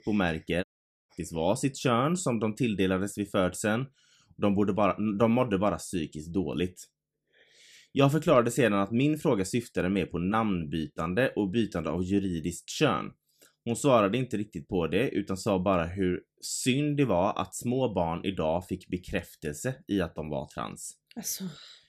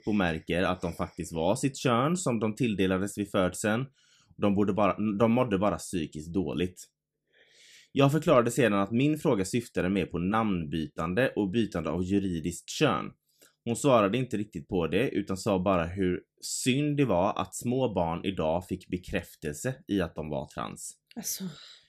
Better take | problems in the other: second | audio cutting out; at 0.5 s

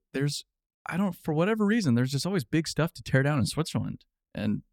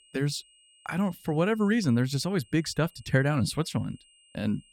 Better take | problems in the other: first | high-pitched whine; faint; throughout; 3 kHz, 30 dB below the speech

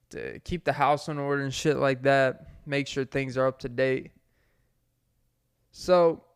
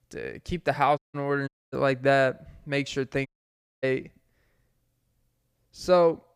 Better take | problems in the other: first | audio cutting out; at 1 s, at 1.5 s and at 3.5 s for 0.5 s

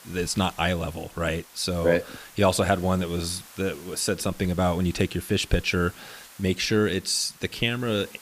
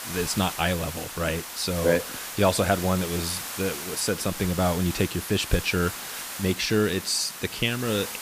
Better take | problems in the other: first | hiss; loud; throughout; 8 dB below the speech; faint in the first

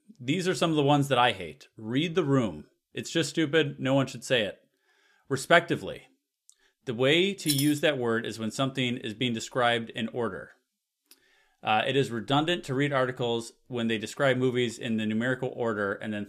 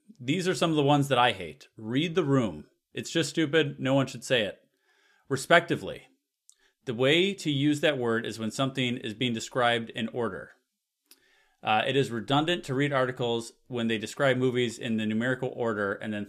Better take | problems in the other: second | jangling keys; noticeable; at 7.5 s; peak 3 dB below the speech

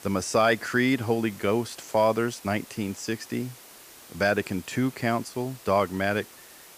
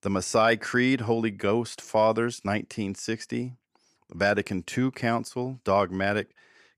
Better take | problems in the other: second | hiss; noticeable; throughout; 20 dB below the speech

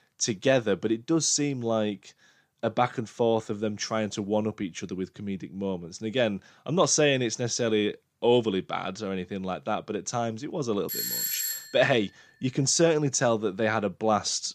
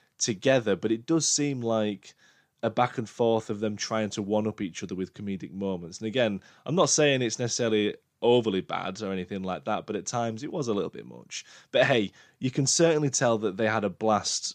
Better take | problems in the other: second | doorbell; loud; at 11 s; peak 1 dB above the speech

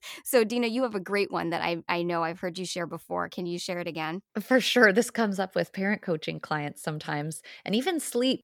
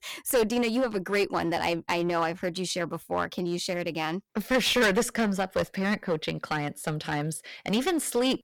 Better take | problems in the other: first | distortion; heavy; 8% of the sound clipped

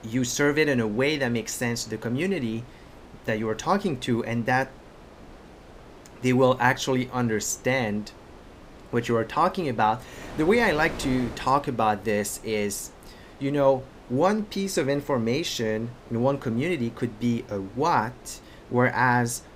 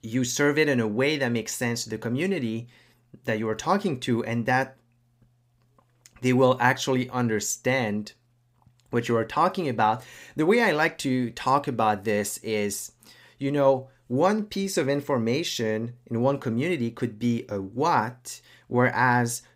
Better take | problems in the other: second | wind noise on the microphone; occasional gusts; 20 dB below the speech

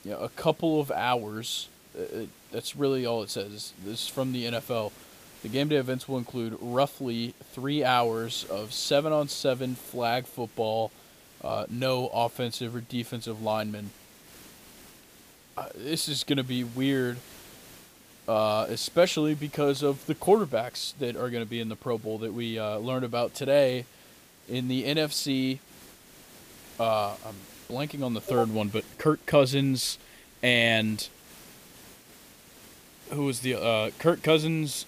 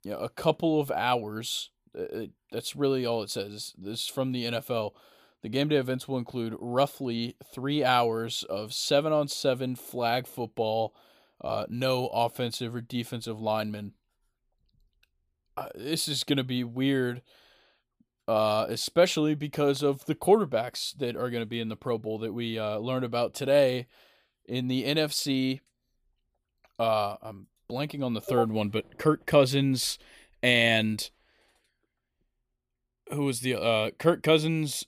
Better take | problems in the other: second | hiss; faint; throughout; 20 dB below the speech

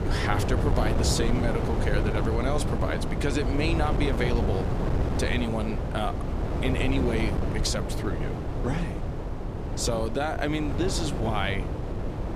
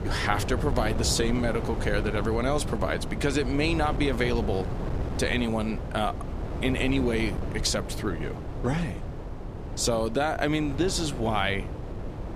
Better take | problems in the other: second | wind noise on the microphone; heavy; 4 dB below the speech; occasional gusts in the second

